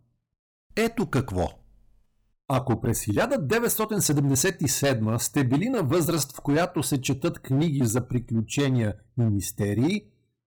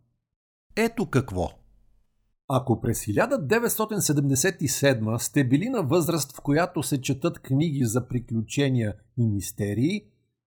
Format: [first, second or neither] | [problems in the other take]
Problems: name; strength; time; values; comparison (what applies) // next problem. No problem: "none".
second | distortion; slight; 8% of the sound clipped